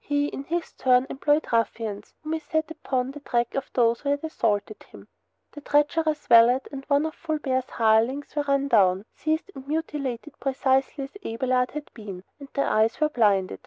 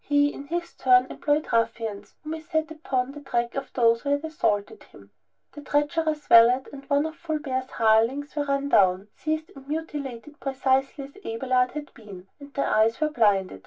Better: first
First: none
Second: room echo; dies away in 0.1 s

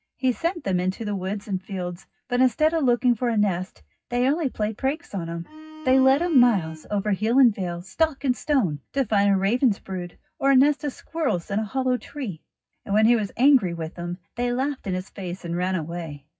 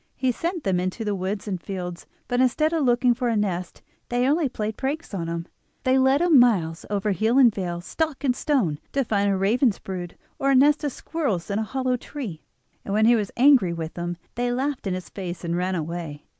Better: second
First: noise reduction (classical method WPE with log-MMSE)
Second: none

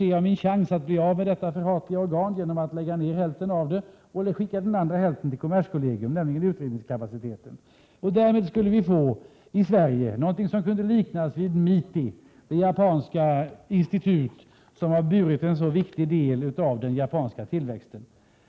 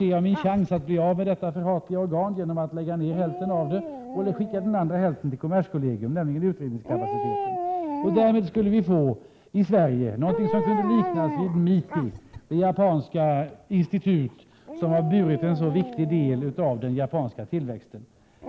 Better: first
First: none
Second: background sound (Dog); 10 dB below the speech

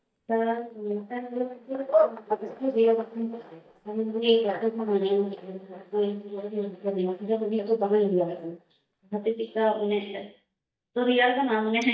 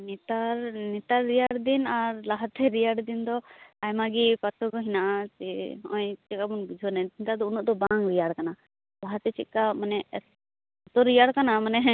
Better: second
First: noise reduction (neural mask model DeepFilterNet 3)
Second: none

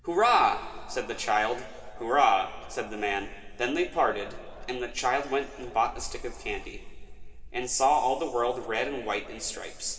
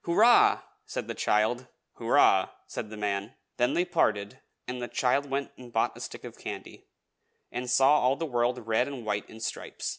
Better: second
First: background sound (Clock); 13 dB below the speech // room echo; dies away in 2.3 s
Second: none

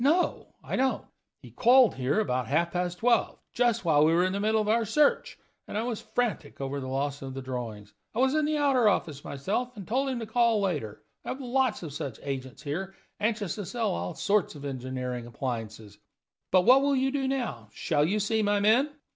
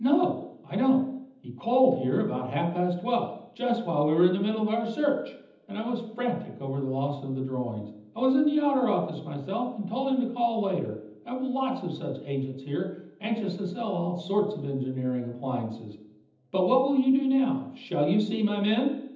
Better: first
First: none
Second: room echo; dies away in 0.8 s

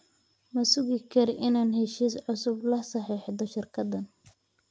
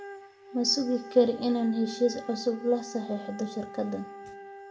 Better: first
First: none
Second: background sound (Wind instrument, woodwind instrument); 15 dB below the speech // room echo; dies away in 0.5 s

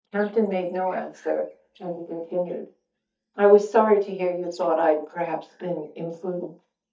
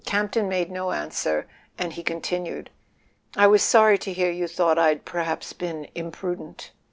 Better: second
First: noise reduction (neural mask model DeepFilterNet 3)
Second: none

